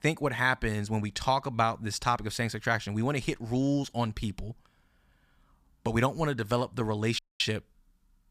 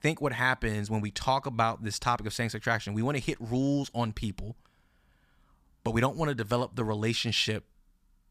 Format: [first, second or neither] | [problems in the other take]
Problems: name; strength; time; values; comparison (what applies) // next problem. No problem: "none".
second | audio cutting out; at 7 s